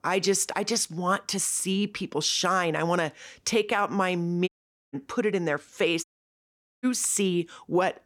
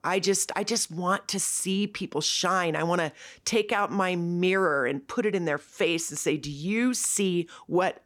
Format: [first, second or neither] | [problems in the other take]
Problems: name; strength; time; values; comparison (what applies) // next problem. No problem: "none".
second | audio cutting out; at 4.5 s and at 6 s for 1 s